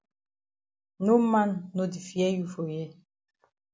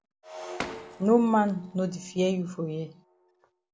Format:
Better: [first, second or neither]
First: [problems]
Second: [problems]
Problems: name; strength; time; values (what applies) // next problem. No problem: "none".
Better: first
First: none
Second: background sound (Shatter); 15 dB below the speech